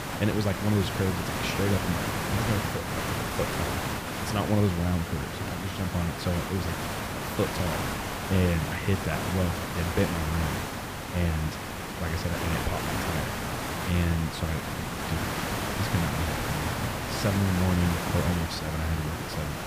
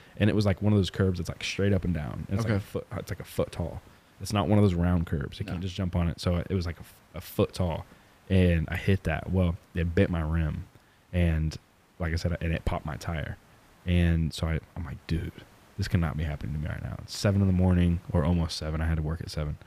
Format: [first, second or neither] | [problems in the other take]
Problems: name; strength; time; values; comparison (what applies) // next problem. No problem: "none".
second | hiss; loud; throughout; 1 dB below the speech; faint in the second